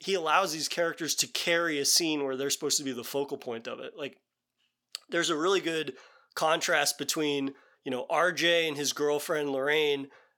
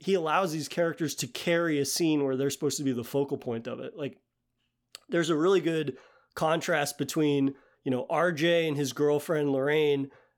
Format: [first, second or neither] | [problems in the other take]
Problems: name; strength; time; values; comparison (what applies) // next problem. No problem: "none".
second | thin; very slightly; fading below 800 Hz